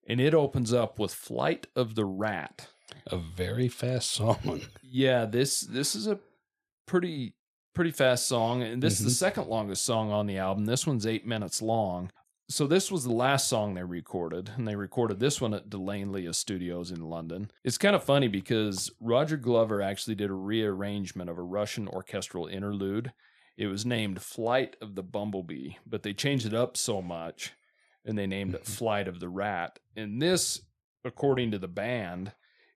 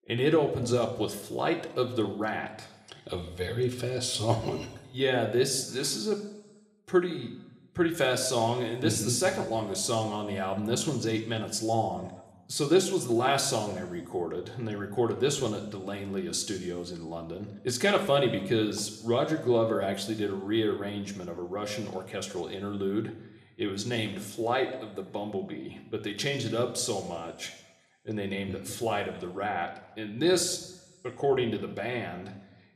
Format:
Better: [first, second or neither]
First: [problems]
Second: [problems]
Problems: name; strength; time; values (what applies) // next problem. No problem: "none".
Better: first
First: none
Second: room echo; slight; dies away in 0.8 s